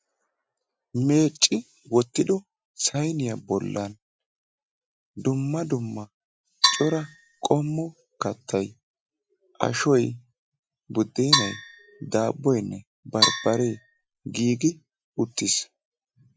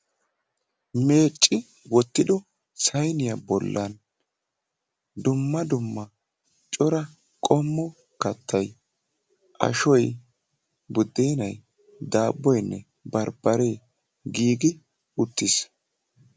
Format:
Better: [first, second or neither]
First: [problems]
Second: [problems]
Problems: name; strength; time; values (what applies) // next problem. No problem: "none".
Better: second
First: noise reduction (classical method Wiener filter)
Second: none